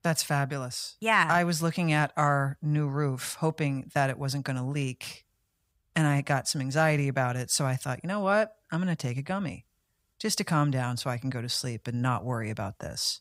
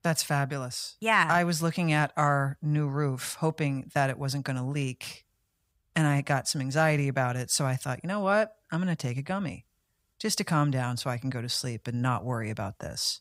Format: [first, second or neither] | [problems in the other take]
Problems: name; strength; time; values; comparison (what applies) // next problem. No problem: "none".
neither | none